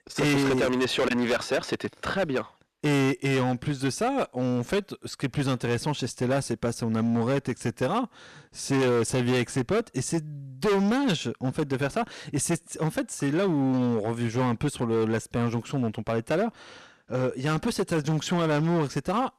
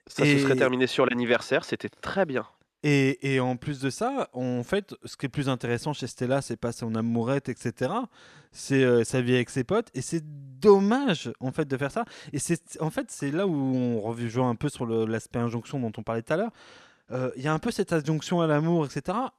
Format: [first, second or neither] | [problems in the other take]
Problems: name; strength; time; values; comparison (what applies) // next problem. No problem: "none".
second | distortion; heavy; 15% of the sound clipped